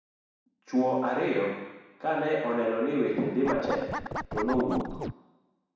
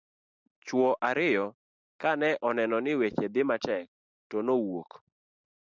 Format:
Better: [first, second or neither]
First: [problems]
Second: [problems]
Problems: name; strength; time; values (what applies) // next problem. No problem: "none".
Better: second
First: background sound (Scratching (performance technique)); 5 dB below the speech // room echo; dies away in 1.1 s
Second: none